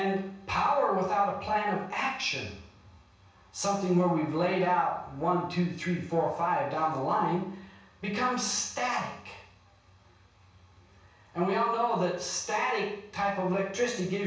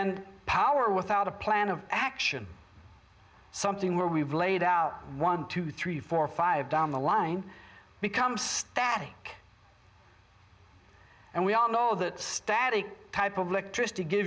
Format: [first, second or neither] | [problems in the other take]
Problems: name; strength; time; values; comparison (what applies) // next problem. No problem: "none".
second | room echo; dies away in 0.7 s